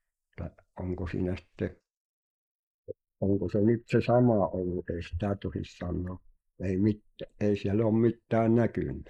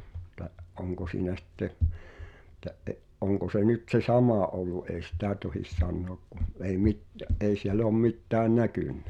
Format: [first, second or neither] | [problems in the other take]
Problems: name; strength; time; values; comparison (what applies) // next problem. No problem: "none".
second | noise reduction (neural mask model Resemble Enhance denoiser)